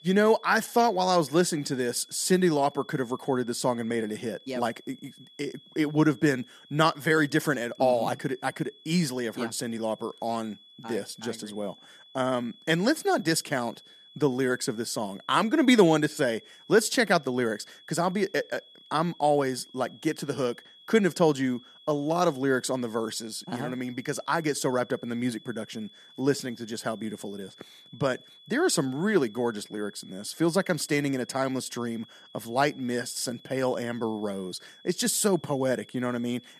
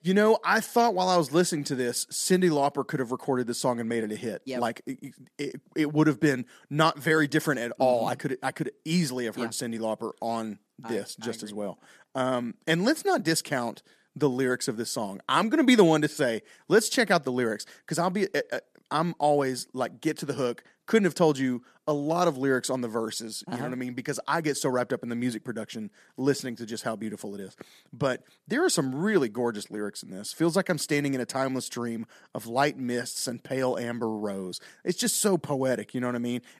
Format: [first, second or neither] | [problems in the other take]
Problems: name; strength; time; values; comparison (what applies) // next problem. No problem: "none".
second | high-pitched whine; faint; throughout; 3.5 kHz, 25 dB below the speech